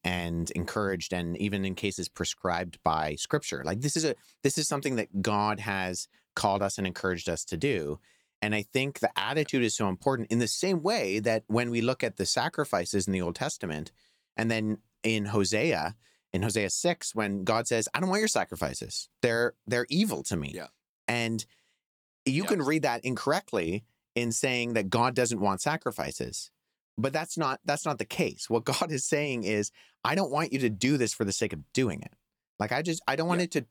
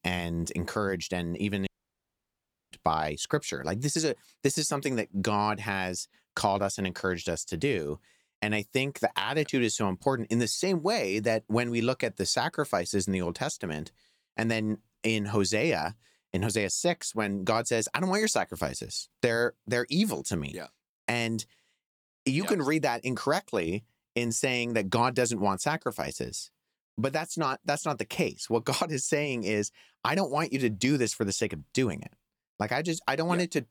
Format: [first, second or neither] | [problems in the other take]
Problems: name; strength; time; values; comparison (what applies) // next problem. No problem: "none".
first | audio cutting out; at 1.5 s for 1 s